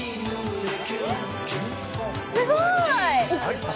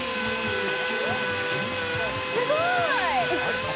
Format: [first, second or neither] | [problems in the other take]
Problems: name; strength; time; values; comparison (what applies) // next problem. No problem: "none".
first | background sound (Drill); as loud as the speech